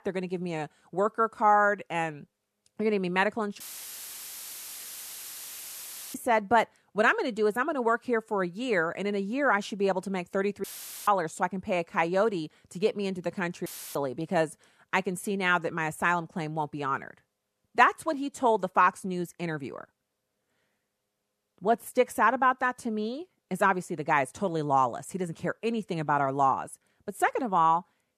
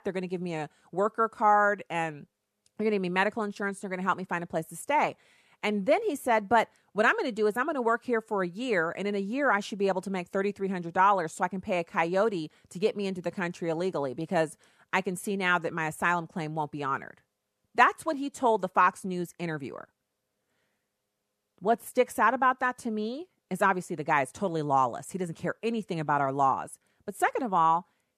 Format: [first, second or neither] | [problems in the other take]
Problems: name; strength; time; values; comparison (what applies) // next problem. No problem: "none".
second | audio cutting out; filled with static; at 3.5 s for 2.5 s, at 11 s and at 14 s